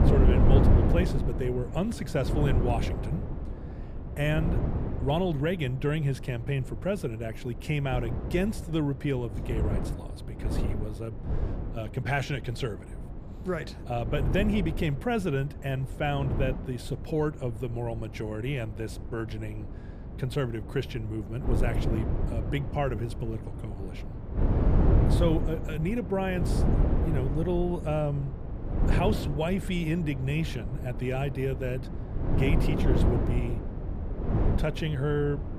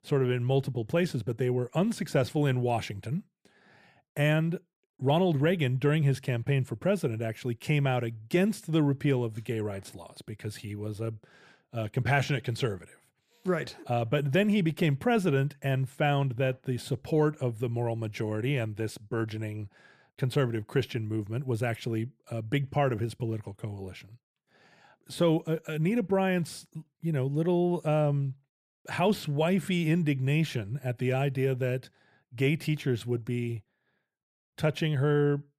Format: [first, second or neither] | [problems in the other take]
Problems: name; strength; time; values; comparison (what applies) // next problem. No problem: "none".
second | wind noise on the microphone; heavy; 5 dB below the speech